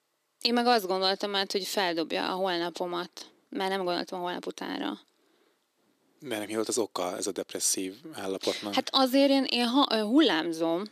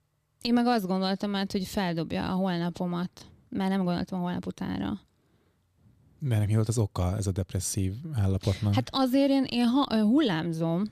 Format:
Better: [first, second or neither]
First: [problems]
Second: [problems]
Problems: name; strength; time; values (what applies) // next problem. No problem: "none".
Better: second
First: thin; somewhat; fading below 300 Hz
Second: none